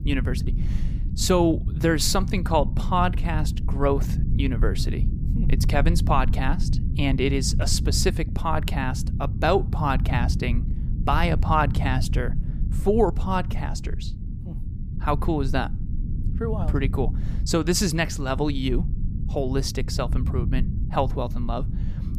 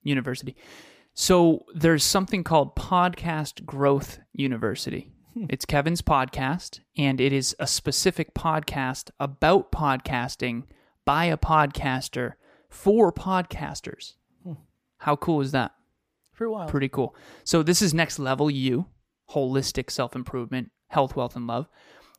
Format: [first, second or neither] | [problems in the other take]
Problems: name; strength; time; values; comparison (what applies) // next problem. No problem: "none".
second | low rumble; noticeable; throughout; 15 dB below the speech